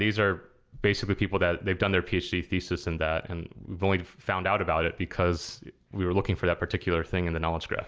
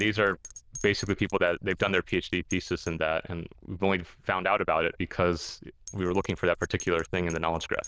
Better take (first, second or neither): first